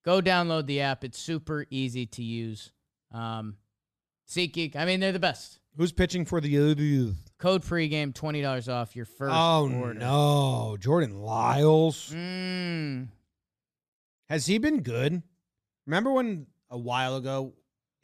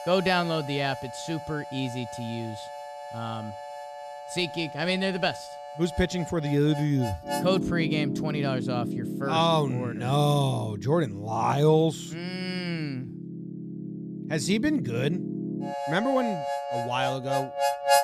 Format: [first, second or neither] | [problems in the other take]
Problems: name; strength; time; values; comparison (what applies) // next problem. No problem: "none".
first | background music; loud; throughout; 7 dB below the speech